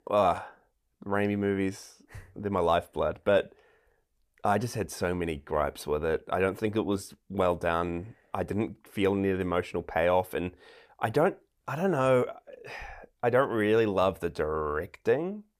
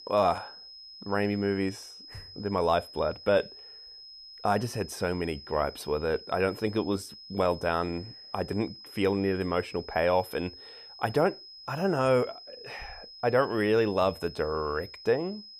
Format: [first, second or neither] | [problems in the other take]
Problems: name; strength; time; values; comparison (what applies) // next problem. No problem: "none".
first | high-pitched whine; noticeable; throughout; 5 kHz, 15 dB below the speech